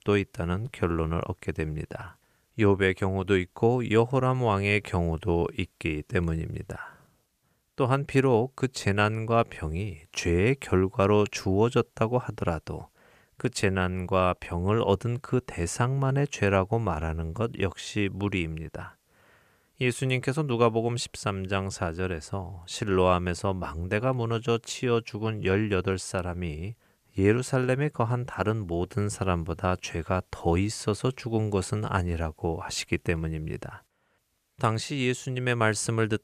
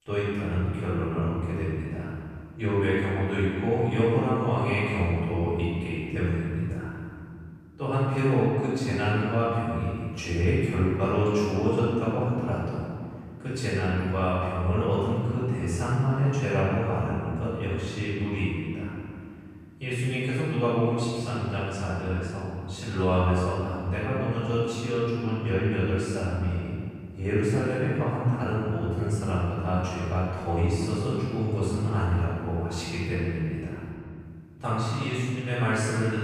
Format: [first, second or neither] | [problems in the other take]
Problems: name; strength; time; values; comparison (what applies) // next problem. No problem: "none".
first | off-mic speech; far // room echo; strong; dies away in 2.3 s